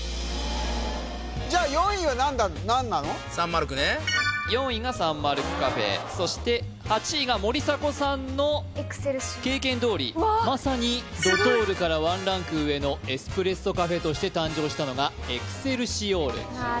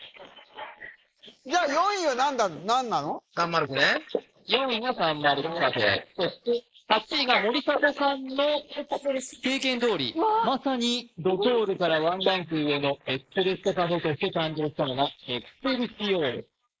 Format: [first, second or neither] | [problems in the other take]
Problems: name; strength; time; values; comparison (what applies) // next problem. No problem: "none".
first | noise reduction (neural mask model Resemble Enhance denoiser)